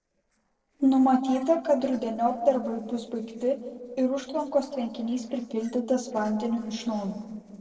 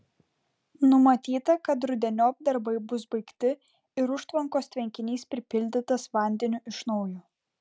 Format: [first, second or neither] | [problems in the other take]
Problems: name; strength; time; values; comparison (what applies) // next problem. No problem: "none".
second | noise reduction (neural separator model SepFormer DNS4)